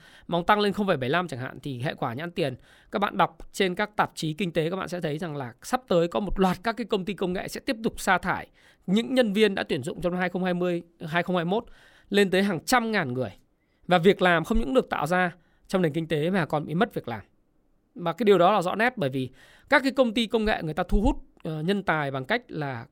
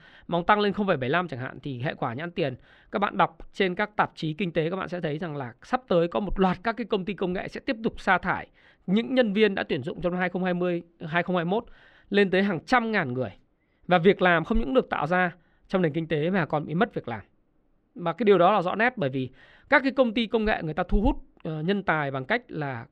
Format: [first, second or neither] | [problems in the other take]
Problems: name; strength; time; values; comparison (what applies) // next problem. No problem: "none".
first | muffled; slightly; fading above 3 kHz